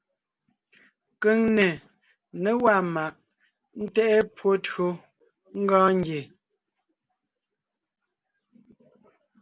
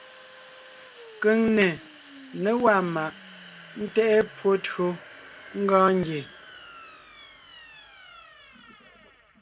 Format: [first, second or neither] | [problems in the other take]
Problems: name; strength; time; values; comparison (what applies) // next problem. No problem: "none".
first | background sound (Domestic sounds, home sounds); 20 dB below the speech